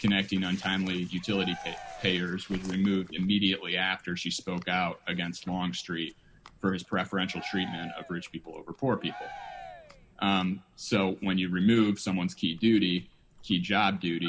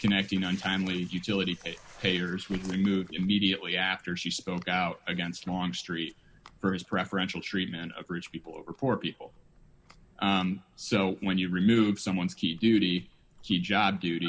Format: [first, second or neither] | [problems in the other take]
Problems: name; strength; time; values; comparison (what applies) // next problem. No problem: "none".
second | background sound (Cheering); 16 dB below the speech